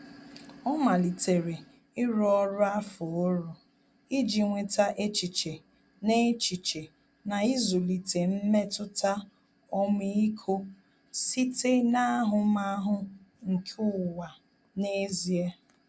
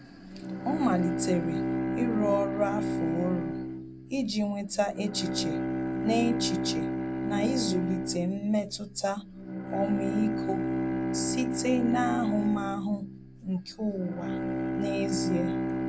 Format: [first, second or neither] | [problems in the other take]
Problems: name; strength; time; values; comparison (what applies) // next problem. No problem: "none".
first | background sound (Bowed string instrument); 1 dB below the speech